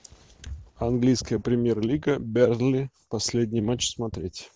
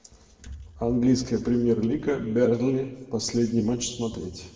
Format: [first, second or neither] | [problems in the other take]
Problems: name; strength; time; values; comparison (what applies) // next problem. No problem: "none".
first | room echo; dies away in 1.3 s